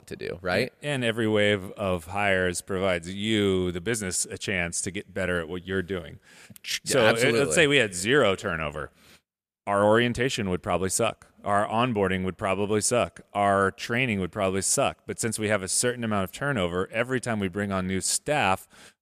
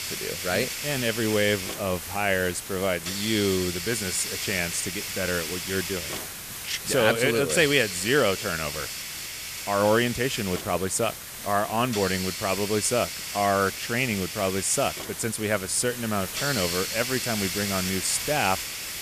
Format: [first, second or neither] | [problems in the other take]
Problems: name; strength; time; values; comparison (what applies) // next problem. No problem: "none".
first | hiss; loud; throughout; 5 dB below the speech